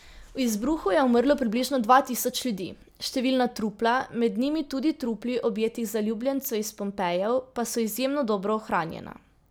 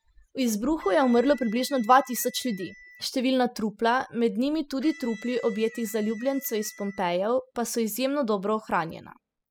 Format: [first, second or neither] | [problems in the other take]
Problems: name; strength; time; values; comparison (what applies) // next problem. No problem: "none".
first | noise reduction (classical method spectral subtraction)